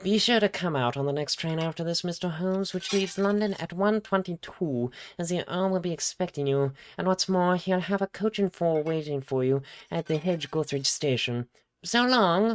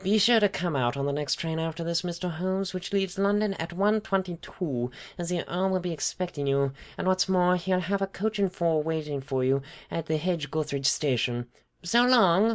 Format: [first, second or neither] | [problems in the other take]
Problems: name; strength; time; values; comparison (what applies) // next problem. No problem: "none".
second | noise reduction (neural mask model RNNoise)